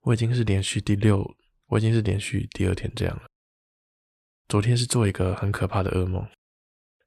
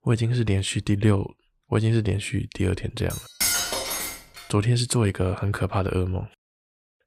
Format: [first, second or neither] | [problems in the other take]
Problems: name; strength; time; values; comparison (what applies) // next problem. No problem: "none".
first | clattering dishes; loud; from 3 to 4.5 s; peak 3 dB above the speech